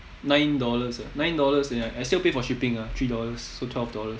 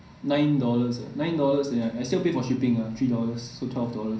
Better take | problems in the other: first | room echo; dies away in 0.6 s

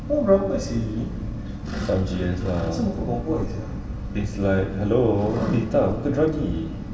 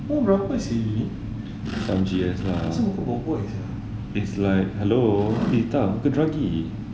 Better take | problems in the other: second | background sound (Meow); 15 dB below the speech // room echo; dies away in 1.8 s

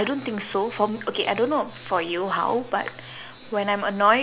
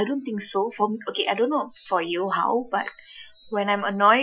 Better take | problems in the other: first | noise reduction (classical method Wiener filter)

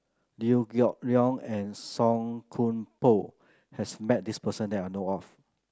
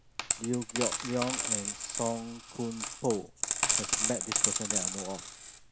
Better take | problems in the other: first | background sound (Coin (dropping)); 4 dB above the speech

